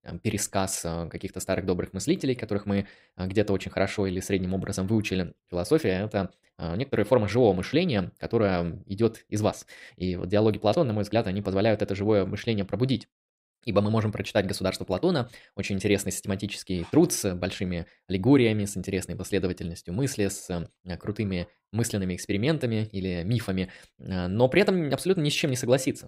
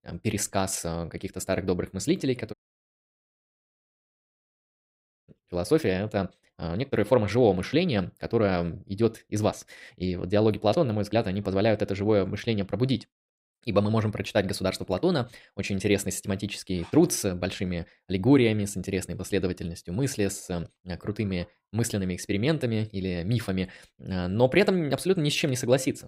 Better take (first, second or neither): first